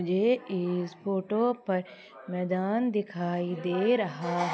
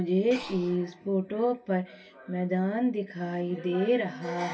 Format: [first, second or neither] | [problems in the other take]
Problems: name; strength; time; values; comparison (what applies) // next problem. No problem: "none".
first | background sound (Breathing); 13 dB below the speech // room echo; dies away in 0.1 s